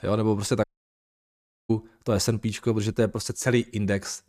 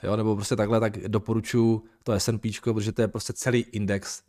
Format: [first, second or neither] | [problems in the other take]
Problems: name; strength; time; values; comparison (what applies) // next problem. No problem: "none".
second | audio cutting out; at 0.5 s for 1 s